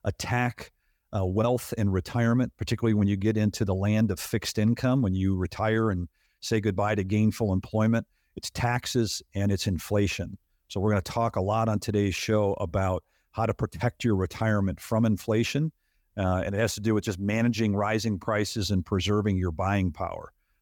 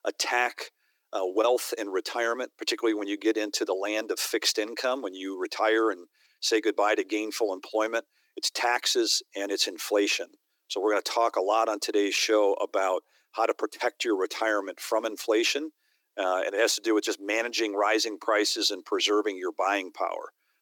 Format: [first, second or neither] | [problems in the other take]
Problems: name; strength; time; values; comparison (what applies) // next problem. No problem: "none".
first | thin; very; fading below 300 Hz